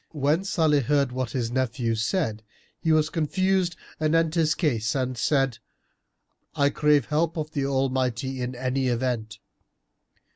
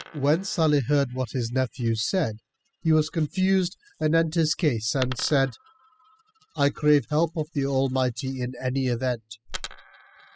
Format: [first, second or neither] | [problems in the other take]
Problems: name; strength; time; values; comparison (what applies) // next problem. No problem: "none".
first | noise reduction (classical method spectral subtraction)